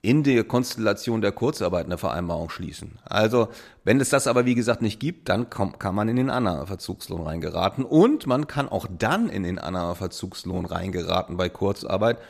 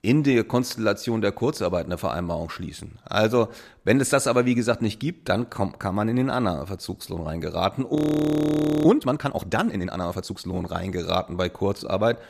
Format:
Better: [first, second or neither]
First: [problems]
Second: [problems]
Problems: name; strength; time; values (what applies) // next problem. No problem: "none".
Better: first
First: none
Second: audio freezing; at 8 s for 1 s